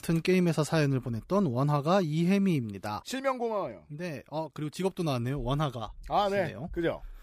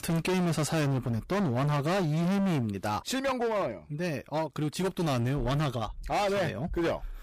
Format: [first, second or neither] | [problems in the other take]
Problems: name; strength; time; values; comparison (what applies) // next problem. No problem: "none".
first | distortion; heavy; 28% of the sound clipped